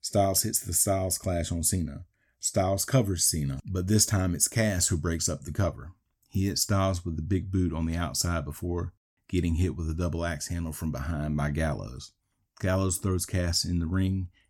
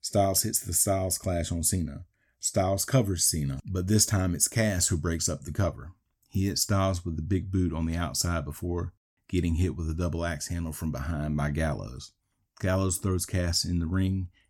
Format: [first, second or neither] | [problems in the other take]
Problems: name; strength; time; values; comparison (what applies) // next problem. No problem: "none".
neither | none